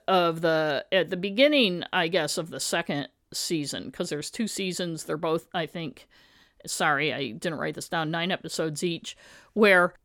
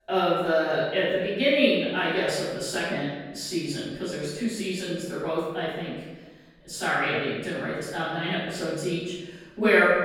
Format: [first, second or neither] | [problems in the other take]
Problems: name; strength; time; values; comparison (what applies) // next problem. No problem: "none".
first | off-mic speech; far // room echo; strong; dies away in 1.1 s